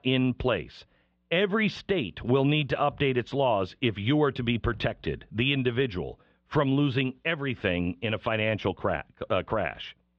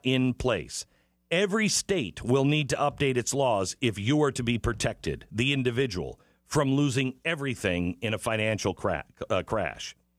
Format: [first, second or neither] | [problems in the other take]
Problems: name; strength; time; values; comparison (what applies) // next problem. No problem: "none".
second | muffled; very; fading above 3.5 kHz